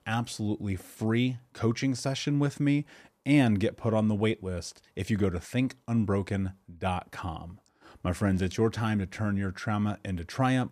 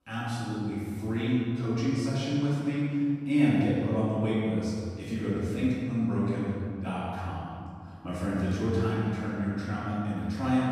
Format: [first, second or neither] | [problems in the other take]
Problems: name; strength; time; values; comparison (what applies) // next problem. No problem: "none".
first | off-mic speech; far // room echo; strong; dies away in 1.9 s